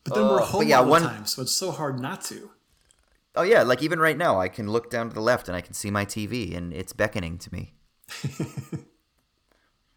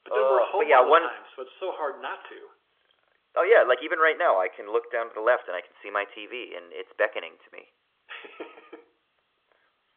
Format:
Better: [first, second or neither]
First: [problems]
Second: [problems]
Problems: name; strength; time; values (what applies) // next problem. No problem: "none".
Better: first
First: none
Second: phone-call audio; nothing above 3.5 kHz